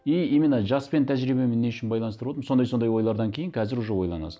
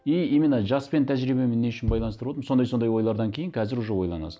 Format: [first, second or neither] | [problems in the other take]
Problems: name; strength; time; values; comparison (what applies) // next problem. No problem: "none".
first | background sound (Bass drum); 13 dB below the speech